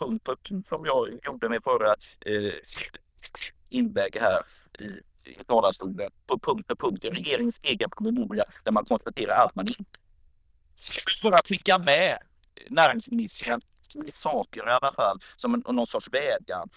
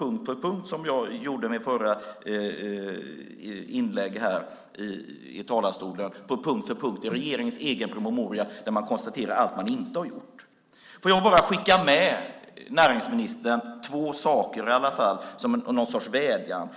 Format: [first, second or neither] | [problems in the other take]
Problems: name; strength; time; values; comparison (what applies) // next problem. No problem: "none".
second | noise reduction (neural diffusion model UNIVERSE++)